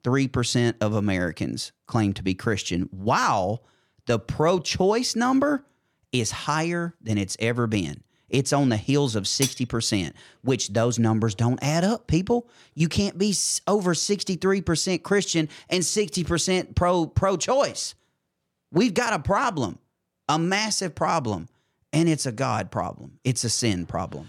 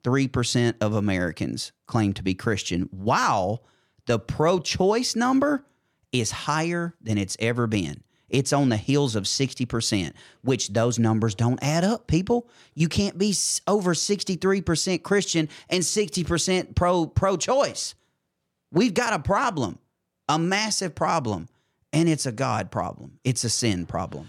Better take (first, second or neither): second